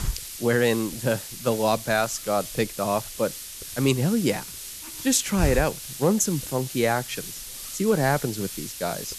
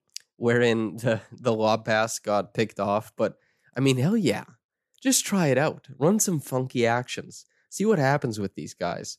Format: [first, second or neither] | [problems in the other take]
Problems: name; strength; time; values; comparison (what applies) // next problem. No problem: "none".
second | hiss; loud; throughout; 9 dB below the speech